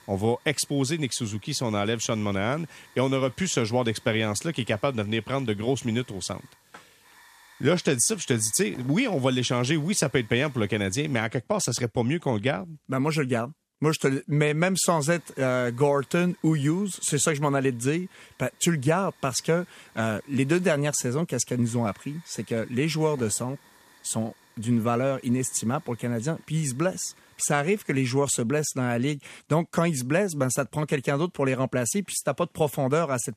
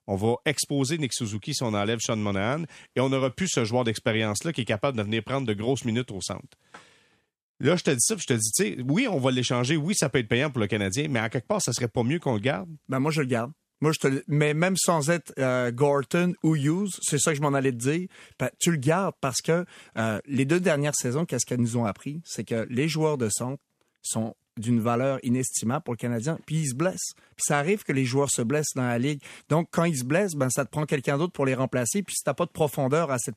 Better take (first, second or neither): second